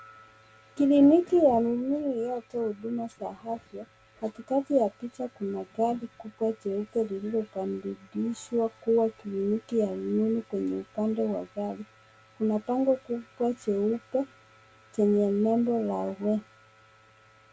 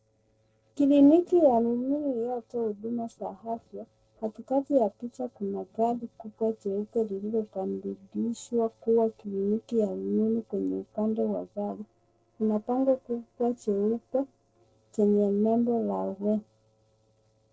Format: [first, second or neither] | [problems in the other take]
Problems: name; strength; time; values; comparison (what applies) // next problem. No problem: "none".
first | noise reduction (neural separator model SepFormer DNS4)